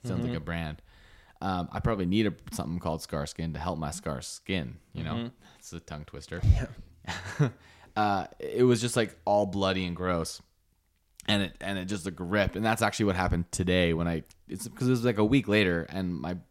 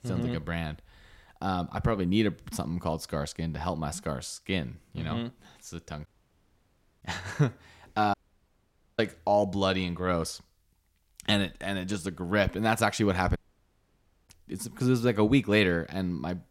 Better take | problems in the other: first | audio cutting out; at 6 s for 1 s, at 8 s for 1 s and at 13 s for 1 s

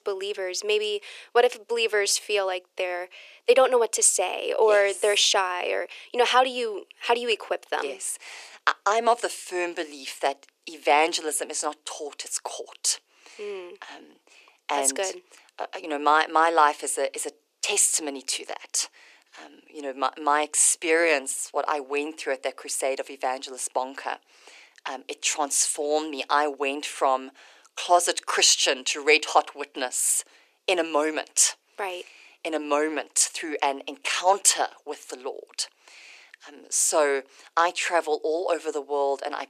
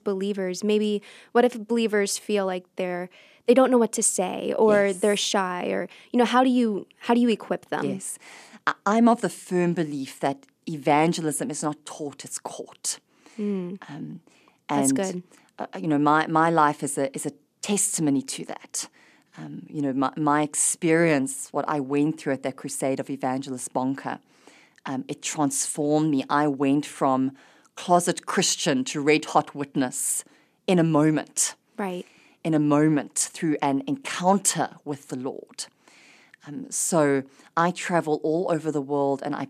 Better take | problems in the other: second | thin; very; fading below 400 Hz

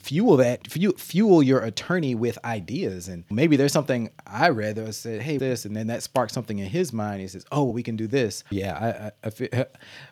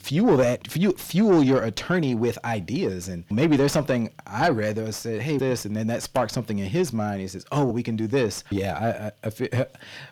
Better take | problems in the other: first | distortion; slight; 10 dB below the speech

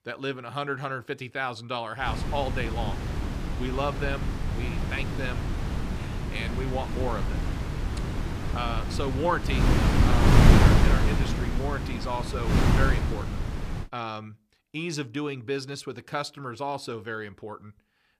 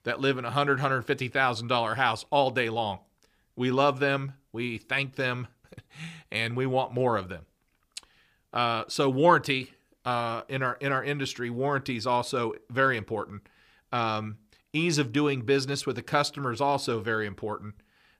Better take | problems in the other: second | wind noise on the microphone; heavy; from 2 to 14 s; as loud as the speech

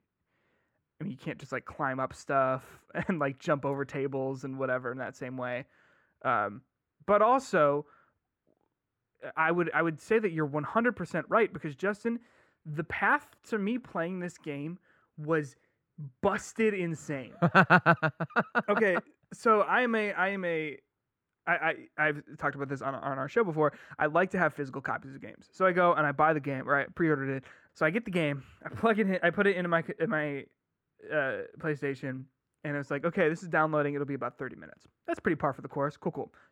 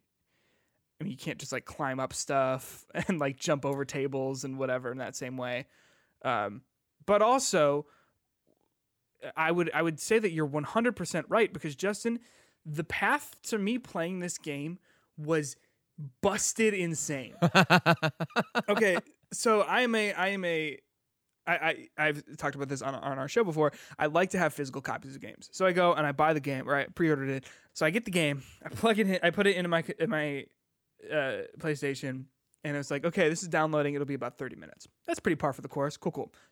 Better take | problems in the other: second | muffled; very; fading above 3 kHz

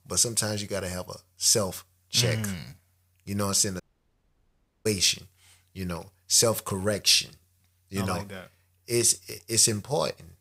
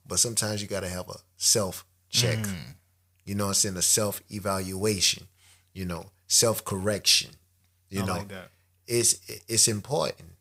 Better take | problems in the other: second | audio cutting out; at 4 s for 1 s

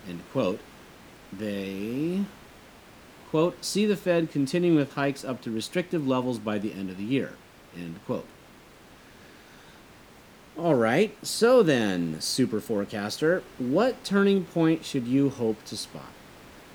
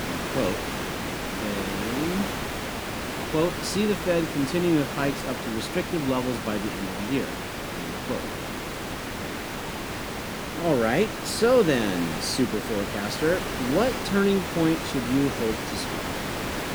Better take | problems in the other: first | hiss; loud; throughout; 4 dB below the speech; faint in the first

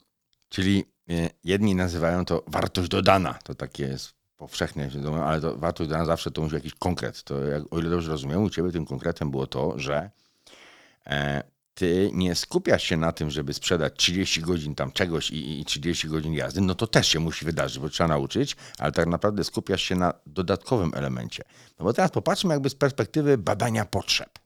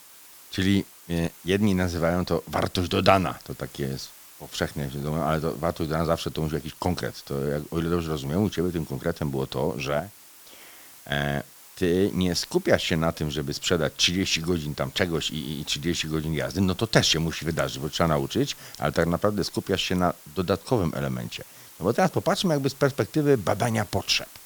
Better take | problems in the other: first | hiss; noticeable; throughout; 20 dB below the speech

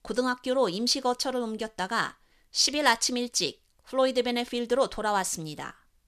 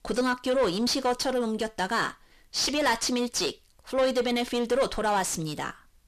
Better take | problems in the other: first | distortion; heavy; 7 dB below the speech

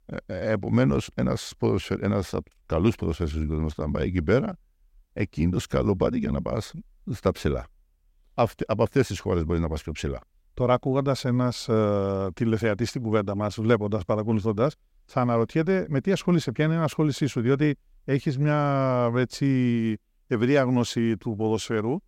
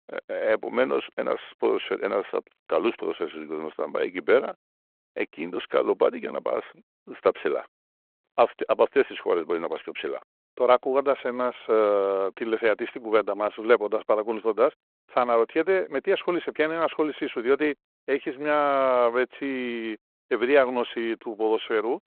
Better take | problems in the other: first | phone-call audio

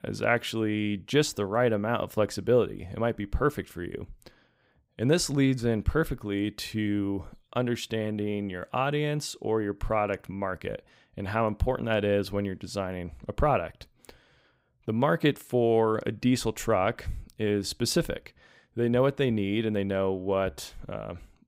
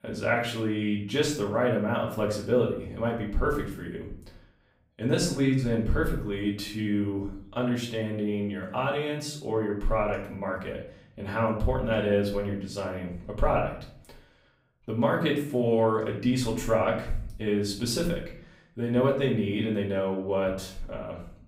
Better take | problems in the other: first | off-mic speech; far // room echo; slight; dies away in 0.5 s

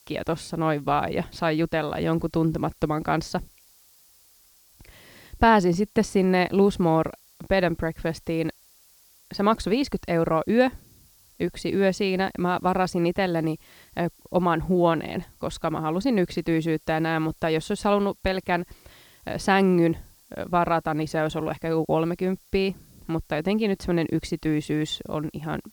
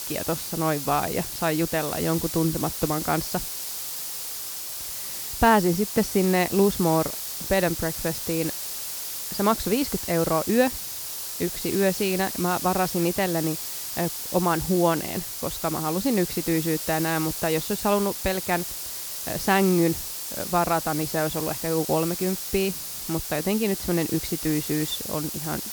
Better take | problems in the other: first | hiss; loud; throughout; 5 dB below the speech; faint in the first

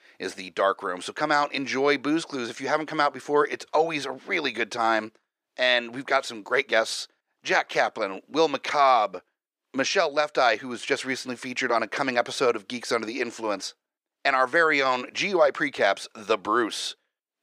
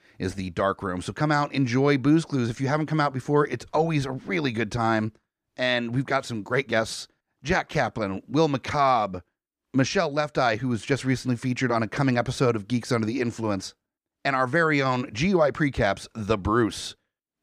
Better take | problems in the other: second | thin; somewhat; fading below 450 Hz

